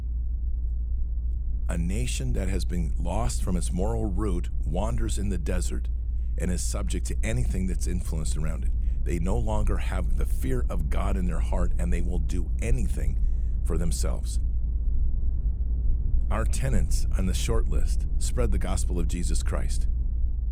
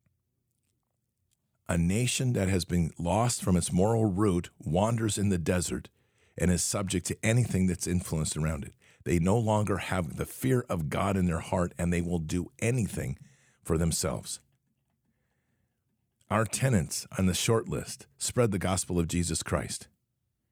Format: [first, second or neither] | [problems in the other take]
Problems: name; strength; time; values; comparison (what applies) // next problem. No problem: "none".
second | low rumble; noticeable; throughout; 15 dB below the speech